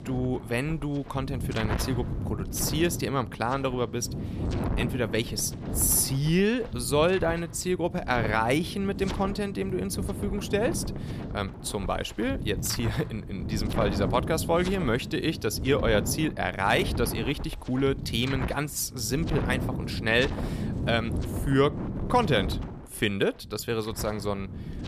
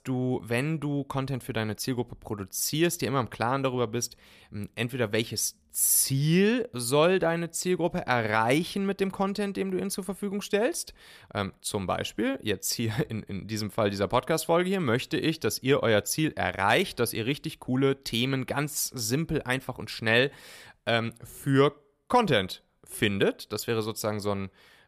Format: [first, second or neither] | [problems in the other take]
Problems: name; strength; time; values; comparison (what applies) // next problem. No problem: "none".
second | wind noise on the microphone; occasional gusts; 10 dB below the speech